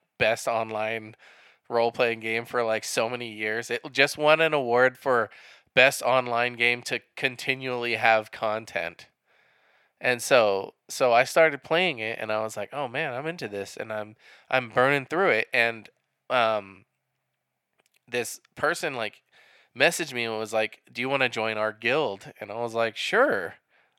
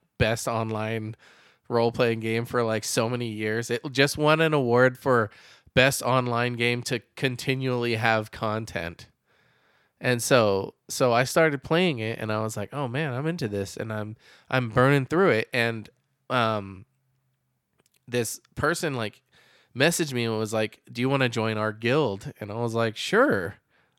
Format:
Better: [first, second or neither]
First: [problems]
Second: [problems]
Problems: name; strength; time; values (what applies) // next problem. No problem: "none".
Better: second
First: thin; somewhat; fading below 300 Hz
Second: none